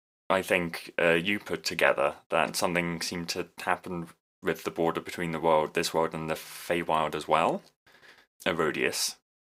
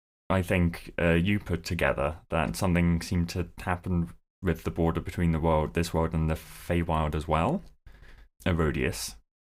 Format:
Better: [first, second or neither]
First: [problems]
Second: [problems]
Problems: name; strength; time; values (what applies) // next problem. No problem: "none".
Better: second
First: thin; somewhat; fading below 350 Hz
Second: none